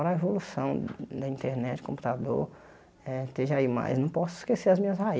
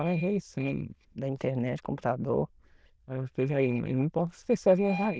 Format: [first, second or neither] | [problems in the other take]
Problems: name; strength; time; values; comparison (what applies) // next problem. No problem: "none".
first | noise reduction (neural diffusion model UNIVERSE++)